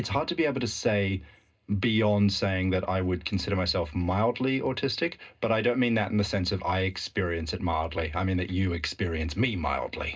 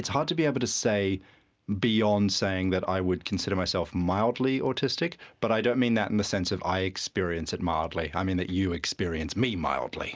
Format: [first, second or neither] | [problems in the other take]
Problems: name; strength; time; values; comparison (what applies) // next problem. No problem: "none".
second | room echo; dies away in 0.2 s